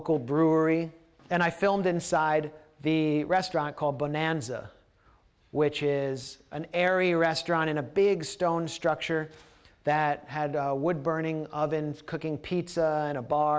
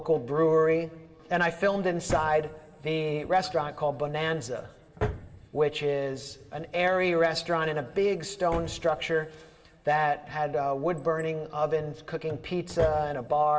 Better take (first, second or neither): first